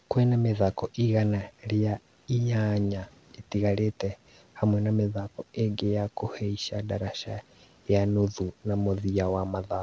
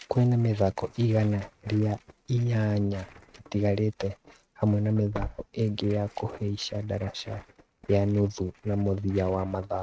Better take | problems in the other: first | noise reduction (neural mask model RNNoise)

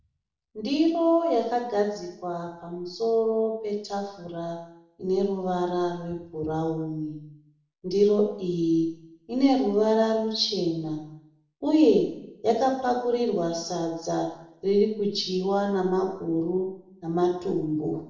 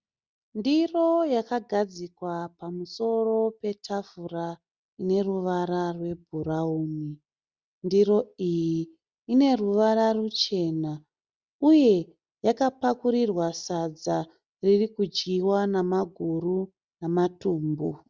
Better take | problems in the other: second | room echo; dies away in 0.6 s

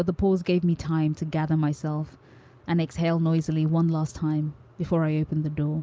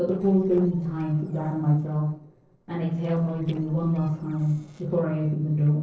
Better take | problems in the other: first | noise reduction (neural separator model SepFormer DNS4)

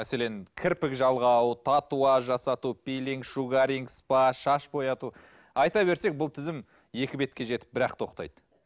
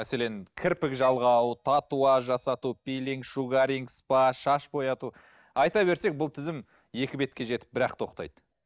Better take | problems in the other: first | noise reduction (neural mask model DeepFilterNet 3)

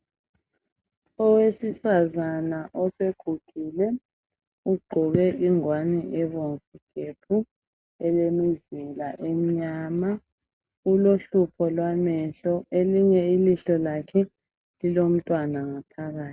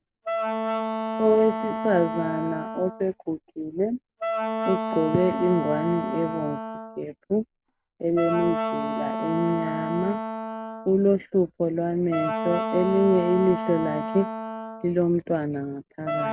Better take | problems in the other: first | background sound (Wind instrument, woodwind instrument); 5 dB below the speech

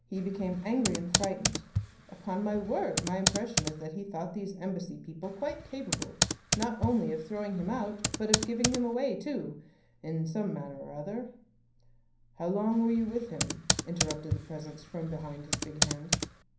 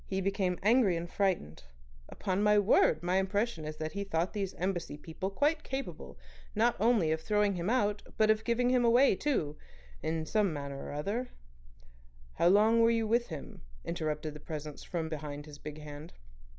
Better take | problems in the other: second | background sound (Computer keyboard); as loud as the speech // room echo; dies away in 0.6 s

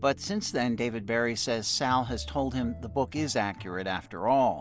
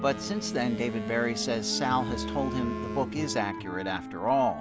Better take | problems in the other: first | background sound (Boat, Water vehicle + Wind instrument, woodwind instrument); 6 dB below the speech

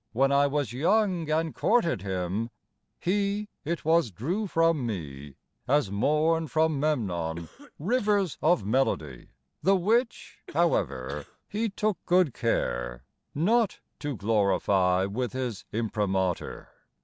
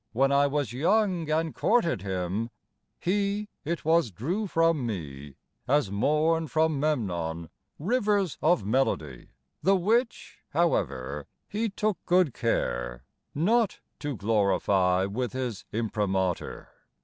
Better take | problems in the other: second | background sound (Cough); 20 dB below the speech

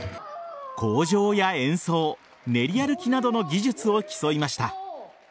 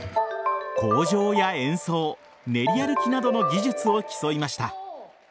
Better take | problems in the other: first | background sound (Ringtone); 2 dB below the speech

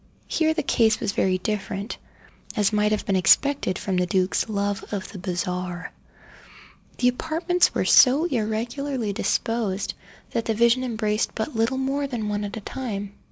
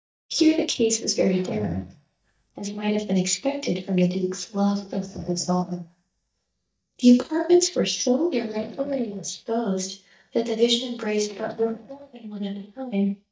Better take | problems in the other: first | noise reduction (neural mask model DeepFilterNet 3)

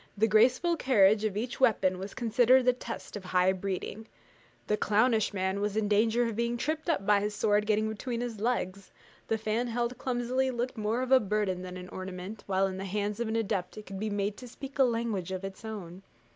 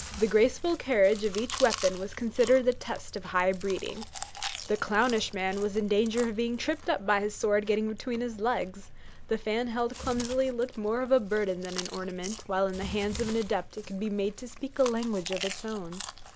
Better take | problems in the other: first | background sound (Chewing, mastication); 12 dB below the speech

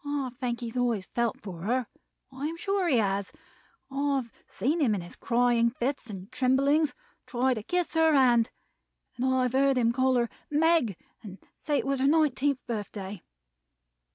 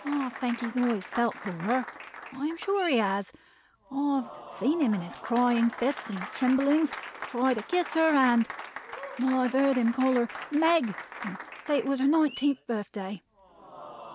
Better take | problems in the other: first | background sound (Applause); 13 dB below the speech

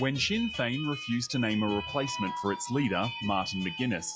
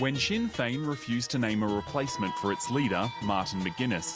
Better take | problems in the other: second | noise reduction (classical method log-MMSE)

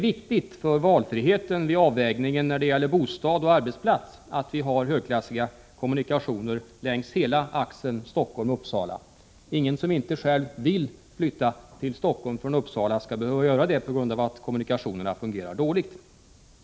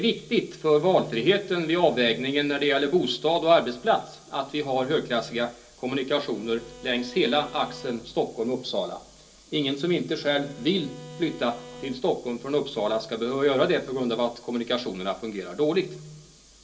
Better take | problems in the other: first | background sound (Bowed string instrument); 20 dB below the speech // room echo; dies away in 0.2 s

